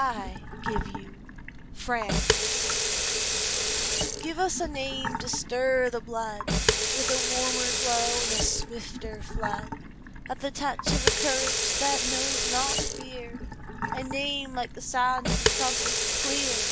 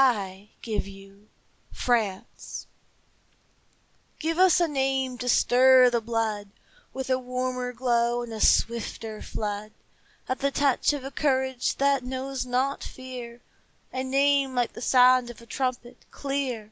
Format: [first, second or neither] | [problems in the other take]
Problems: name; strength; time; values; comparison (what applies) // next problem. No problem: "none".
second | background sound (Sink (filling or washing) / Water tap, faucet); 3 dB above the speech